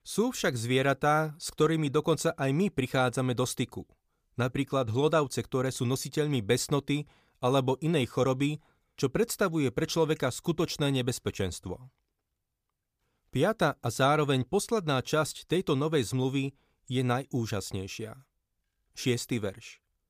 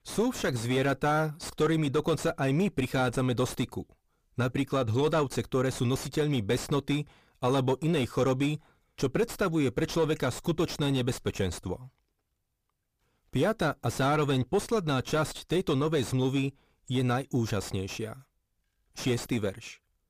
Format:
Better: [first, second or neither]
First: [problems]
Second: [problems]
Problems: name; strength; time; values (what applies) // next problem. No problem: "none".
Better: first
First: none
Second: distortion; slight; 8 dB below the speech